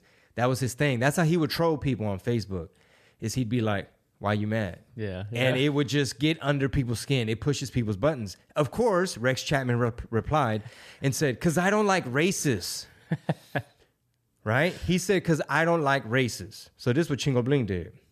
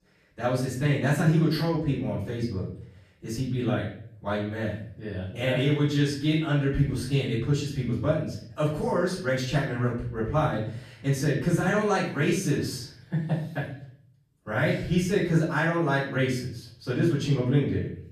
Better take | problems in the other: first | off-mic speech; far // room echo; noticeable; dies away in 0.6 s

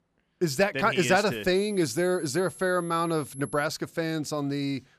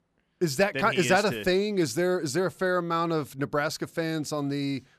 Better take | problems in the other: second | high-pitched whine; noticeable; from 1.5 to 3.5 s; 11 kHz, 20 dB below the speech

